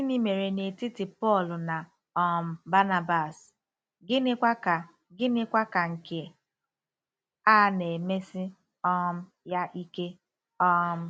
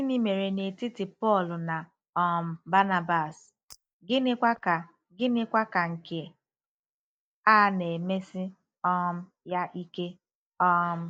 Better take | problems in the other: first | noise reduction (neural mask model DeepFilterNet 3)

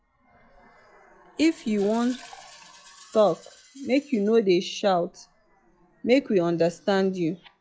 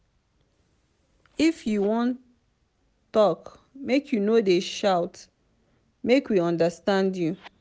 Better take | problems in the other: second | noise reduction (classical method log-MMSE)

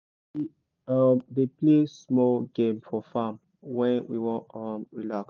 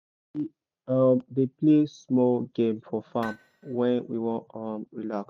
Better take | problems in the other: first | noise reduction (neural mask model RNNoise)

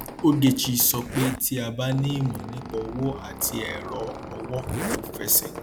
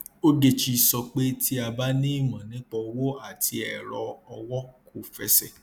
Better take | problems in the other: second | background sound (Zipper (clothing) + Squeak); 9 dB below the speech

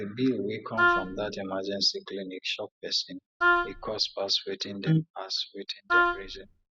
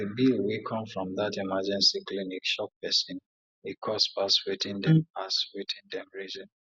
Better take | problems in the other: second | background sound (Wind instrument, woodwind instrument); 5 dB above the speech

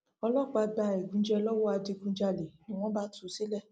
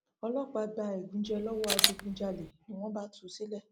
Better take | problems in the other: first | background sound (Camera); 4 dB above the speech

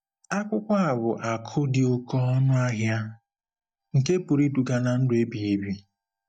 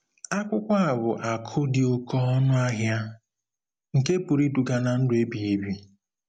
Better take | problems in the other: second | noise reduction (neural mask model DeepFilterNet 3)

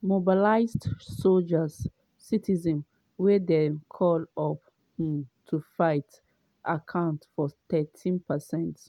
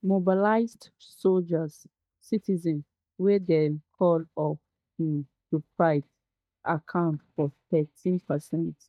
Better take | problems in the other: first | noise reduction (neural mask model DeepFilterNet 3)

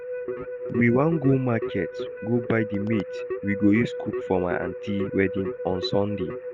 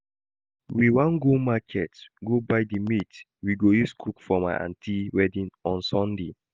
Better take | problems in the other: second | background sound (Keyboard (musical)); 7 dB below the speech

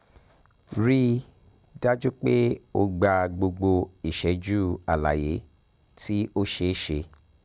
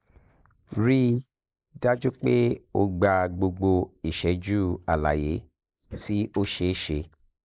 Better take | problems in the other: first | noise reduction (neural mask model Resemble Enhance denoiser)

